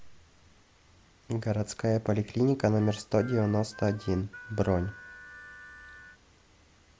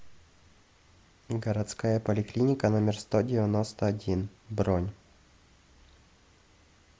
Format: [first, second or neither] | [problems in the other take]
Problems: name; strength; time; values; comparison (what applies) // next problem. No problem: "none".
second | background sound (Harmonica); 18 dB below the speech